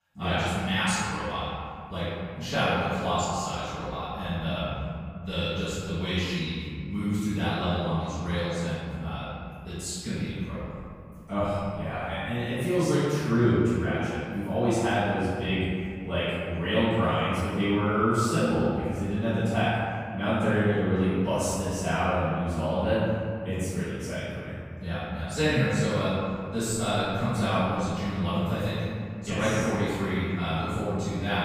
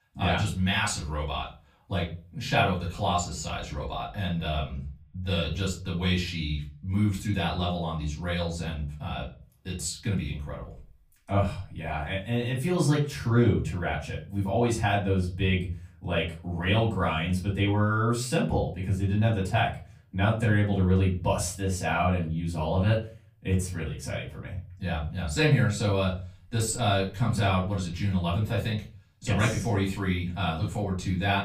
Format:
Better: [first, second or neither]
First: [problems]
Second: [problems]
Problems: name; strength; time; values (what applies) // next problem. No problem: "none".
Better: second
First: room echo; strong; dies away in 2.3 s // off-mic speech; far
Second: room echo; slight; dies away in 0.4 s // off-mic speech; far